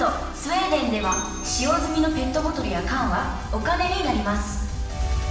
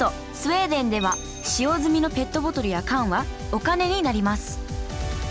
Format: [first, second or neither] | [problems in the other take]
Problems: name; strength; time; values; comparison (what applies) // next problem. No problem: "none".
second | background sound (Bowed string instrument); 19 dB below the speech // room echo; dies away in 1 s